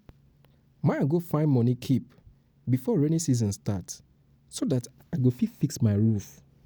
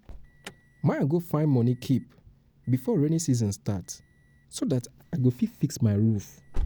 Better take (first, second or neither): first